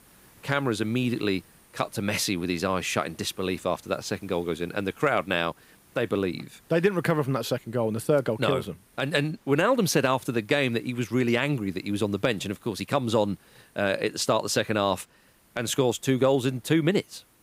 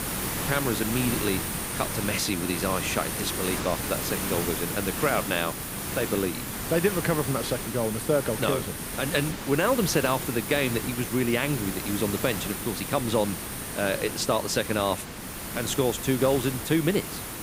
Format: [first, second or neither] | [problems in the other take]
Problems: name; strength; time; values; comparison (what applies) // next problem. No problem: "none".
first | hiss; loud; throughout; 4 dB below the speech; faint in the first